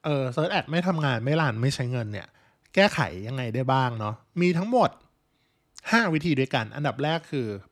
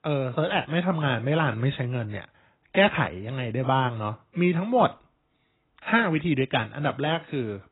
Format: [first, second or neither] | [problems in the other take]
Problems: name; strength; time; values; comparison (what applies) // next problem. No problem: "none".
first | garbled, watery; badly; nothing above 4 kHz